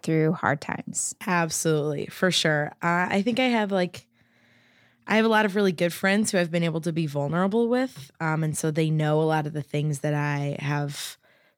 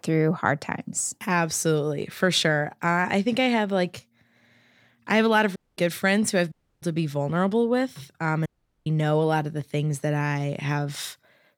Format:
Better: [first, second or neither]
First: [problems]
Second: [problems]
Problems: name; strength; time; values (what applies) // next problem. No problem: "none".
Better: first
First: none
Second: audio cutting out; at 5.5 s, at 6.5 s and at 8.5 s